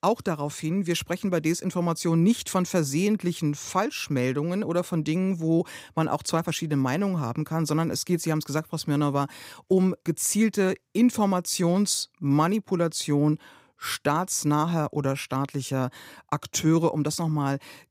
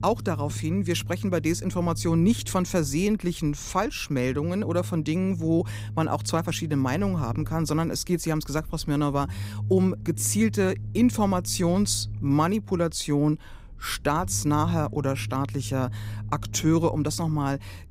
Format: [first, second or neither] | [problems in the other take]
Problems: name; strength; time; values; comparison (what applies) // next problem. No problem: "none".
first | low rumble; faint; throughout; 20 dB below the speech